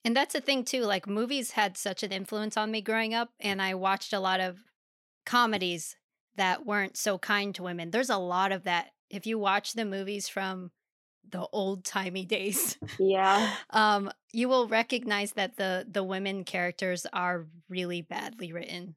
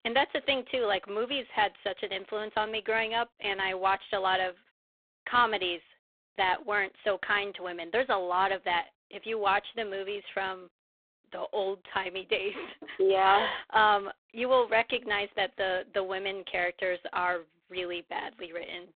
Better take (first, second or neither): first